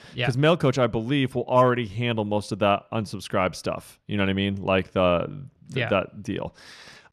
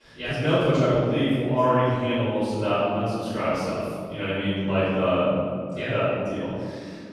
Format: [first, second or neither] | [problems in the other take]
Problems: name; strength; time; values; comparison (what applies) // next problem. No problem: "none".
first | room echo; strong; dies away in 1.8 s // off-mic speech; far